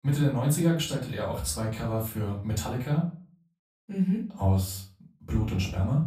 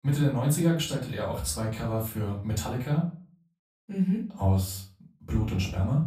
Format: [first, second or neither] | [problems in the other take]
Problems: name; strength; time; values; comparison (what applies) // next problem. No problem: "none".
neither | room echo; slight; dies away in 0.3 s; the same in both // off-mic speech; far; the same in both